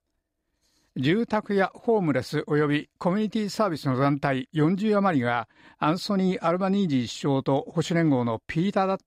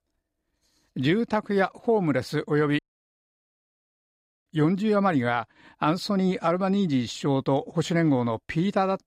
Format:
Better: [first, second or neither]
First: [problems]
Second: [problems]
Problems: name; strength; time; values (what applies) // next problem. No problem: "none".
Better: first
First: none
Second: audio cutting out; at 3 s for 1.5 s